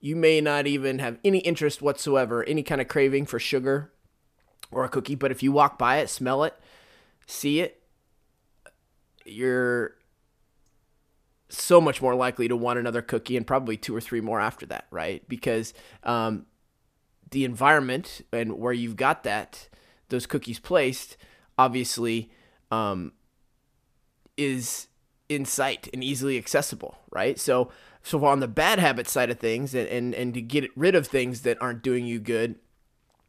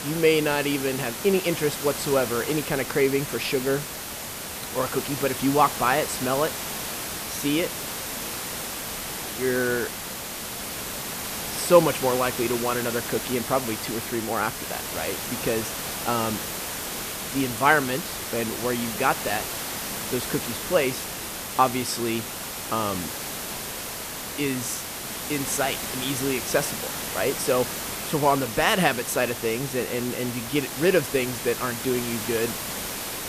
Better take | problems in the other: first | hiss; loud; throughout; 5 dB below the speech

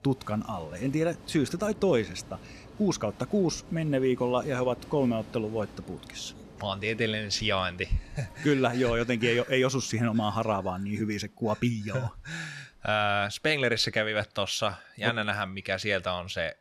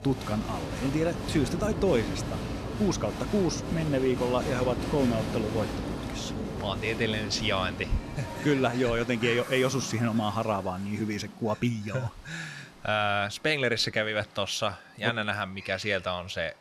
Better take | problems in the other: first | crowd noise; loud; throughout; 6 dB below the speech; faint in the first

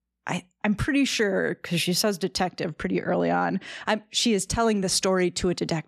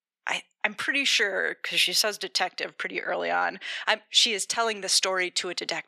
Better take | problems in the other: first | thin; very; fading below 550 Hz

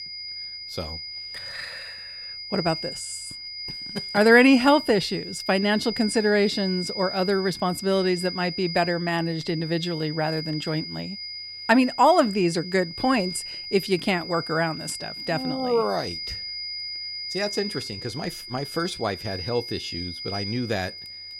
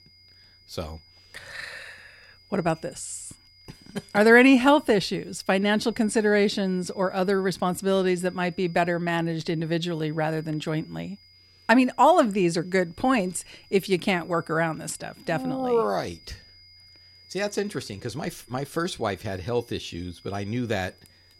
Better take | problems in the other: second | high-pitched whine; loud; throughout; 5 kHz, 9 dB below the speech; faint in the second

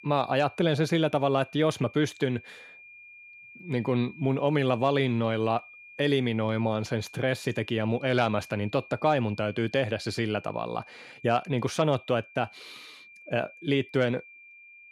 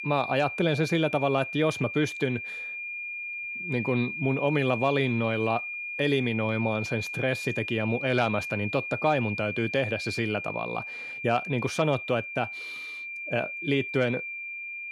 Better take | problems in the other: first | high-pitched whine; loud; throughout; 2.5 kHz, 6 dB below the speech; faint in the first

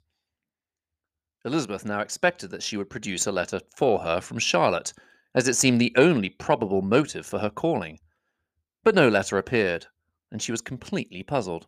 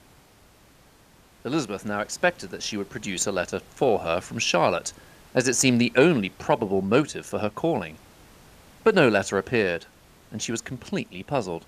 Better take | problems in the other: first | hiss; faint; throughout; 30 dB below the speech

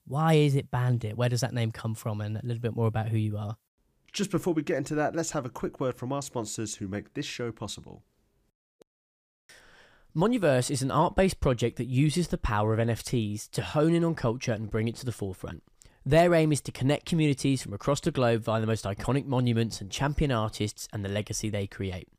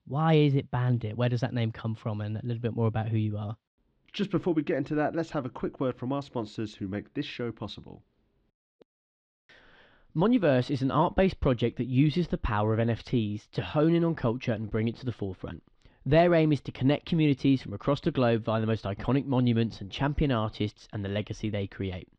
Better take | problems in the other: first | muffled; slightly; fading above 4 kHz

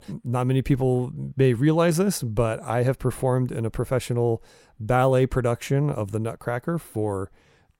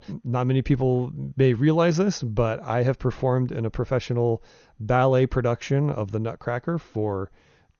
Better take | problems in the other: first | garbled, watery; slightly; nothing above 6.5 kHz

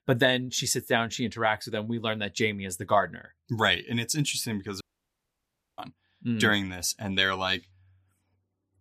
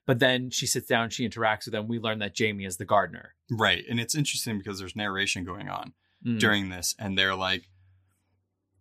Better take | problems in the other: second | audio cutting out; at 5 s for 1 s

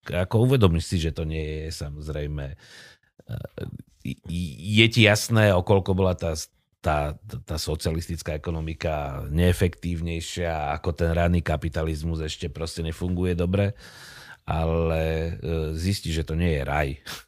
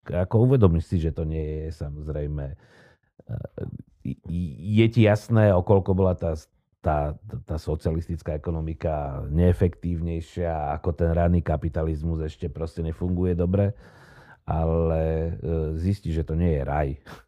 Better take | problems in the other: first | muffled; very; fading above 1.5 kHz

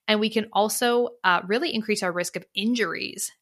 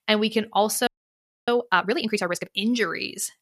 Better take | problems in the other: first | audio freezing; at 1 s for 0.5 s

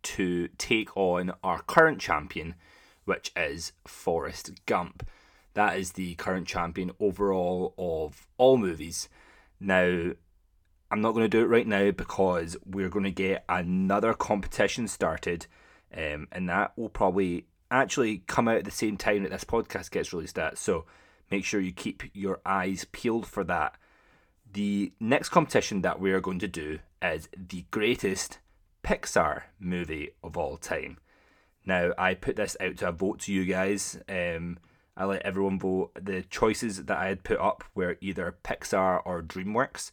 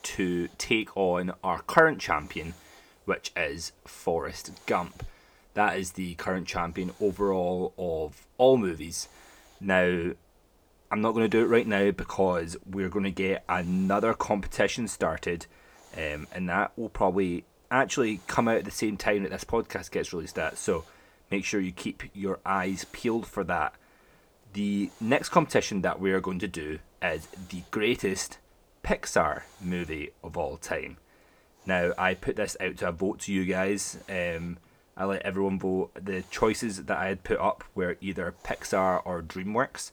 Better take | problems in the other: first | hiss; faint; throughout; 30 dB below the speech

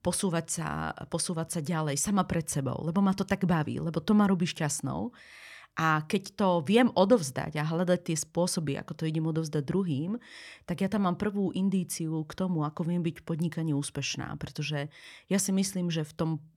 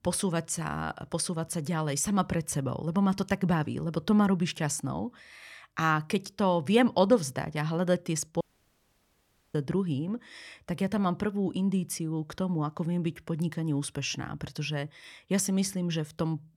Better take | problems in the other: first | audio cutting out; at 8.5 s for 1 s

